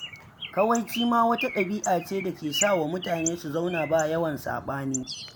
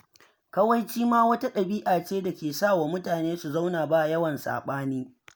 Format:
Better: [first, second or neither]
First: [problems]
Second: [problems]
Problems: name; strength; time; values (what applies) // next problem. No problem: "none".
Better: second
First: background sound (Bird); 10 dB below the speech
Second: none